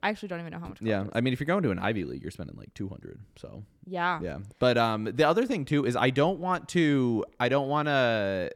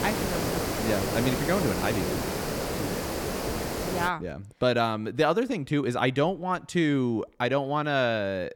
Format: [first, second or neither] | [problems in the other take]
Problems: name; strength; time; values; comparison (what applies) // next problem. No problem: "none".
first | hiss; loud; until 4 s; 3 dB below the speech